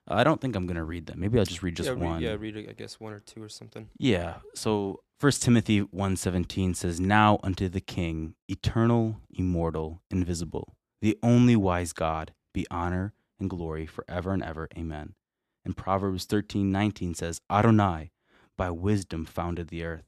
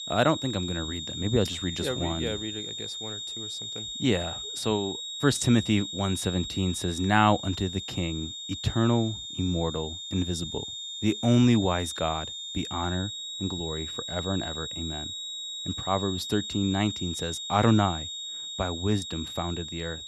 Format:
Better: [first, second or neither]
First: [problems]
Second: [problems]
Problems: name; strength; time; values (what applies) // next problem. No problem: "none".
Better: first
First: none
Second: high-pitched whine; loud; throughout; 3.5 kHz, 6 dB below the speech